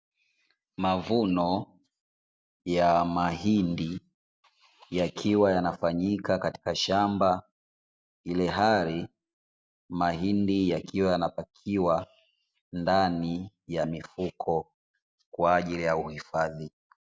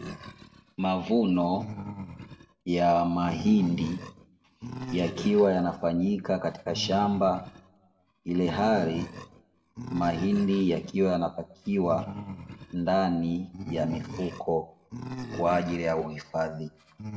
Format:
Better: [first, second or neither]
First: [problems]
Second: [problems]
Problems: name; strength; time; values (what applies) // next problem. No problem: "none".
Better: first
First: none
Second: background sound (Animal); 13 dB below the speech // room echo; dies away in 0.5 s